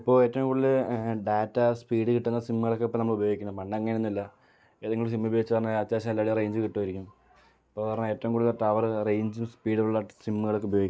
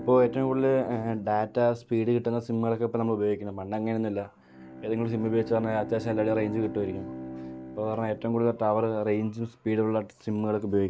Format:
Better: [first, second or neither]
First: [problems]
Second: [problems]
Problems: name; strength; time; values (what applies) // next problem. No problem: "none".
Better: first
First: none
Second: background sound (Bowed string instrument); 15 dB below the speech